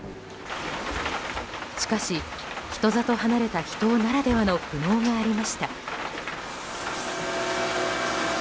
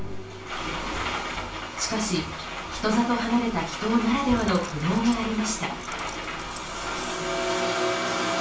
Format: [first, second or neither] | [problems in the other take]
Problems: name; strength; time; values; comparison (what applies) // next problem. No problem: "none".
first | background sound (Keys jangling); 19 dB below the speech // room echo; dies away in 0.3 s